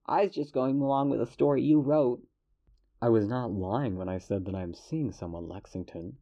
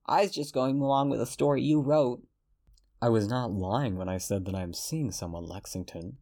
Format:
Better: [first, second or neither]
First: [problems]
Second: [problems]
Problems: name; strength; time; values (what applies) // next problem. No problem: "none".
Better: second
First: muffled; slightly; fading above 2.5 kHz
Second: none